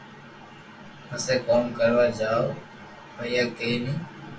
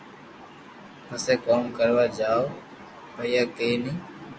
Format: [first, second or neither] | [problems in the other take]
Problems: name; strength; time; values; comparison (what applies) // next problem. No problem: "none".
second | room echo; dies away in 0.2 s